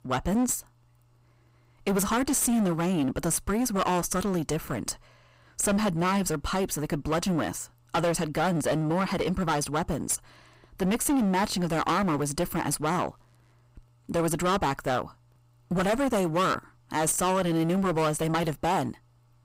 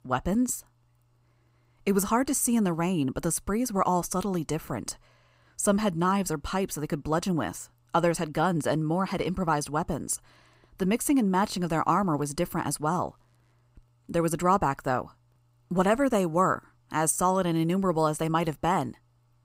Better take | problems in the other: second | distortion; heavy; 15% of the sound clipped

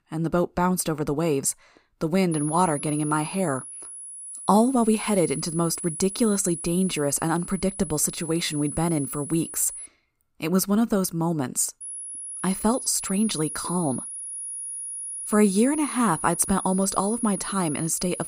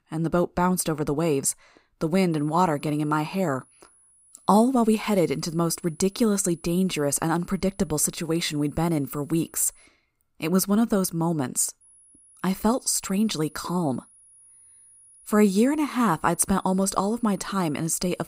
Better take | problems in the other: second | high-pitched whine; loud; from 2.5 to 10 s and from 12 s on; 10.5 kHz, 8 dB below the speech; faint in the second

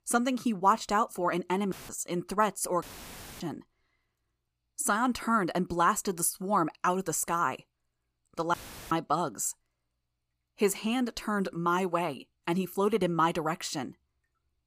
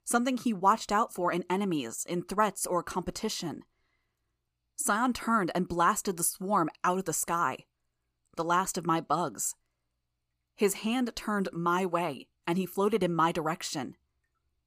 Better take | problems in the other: second | audio cutting out; filled with static; at 1.5 s, at 3 s for 0.5 s and at 8.5 s

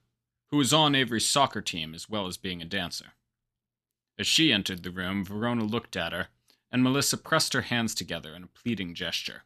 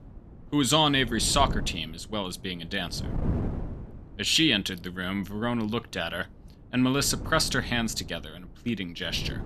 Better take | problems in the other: first | wind noise on the microphone; occasional gusts; 20 dB below the speech

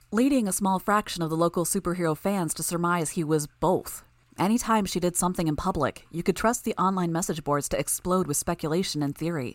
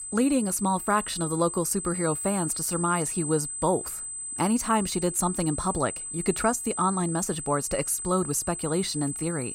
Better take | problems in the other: first | high-pitched whine; loud; throughout; 8 kHz, 5 dB below the speech

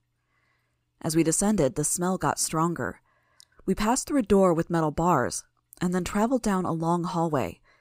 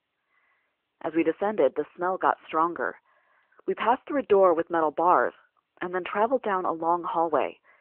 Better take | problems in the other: first | phone-call audio

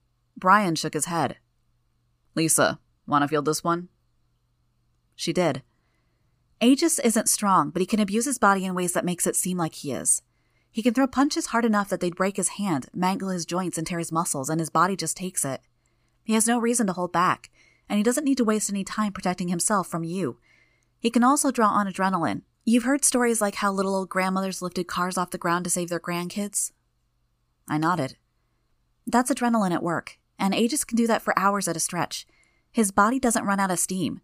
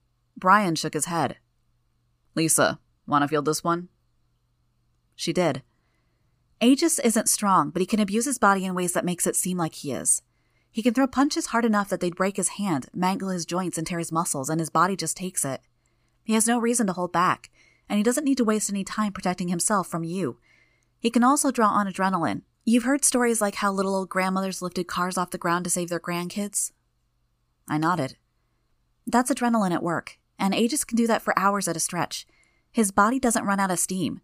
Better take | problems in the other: neither | none

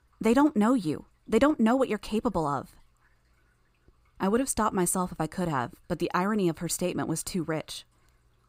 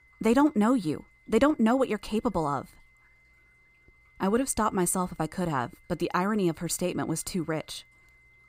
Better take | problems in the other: first | high-pitched whine; faint; throughout; 2 kHz, 30 dB below the speech

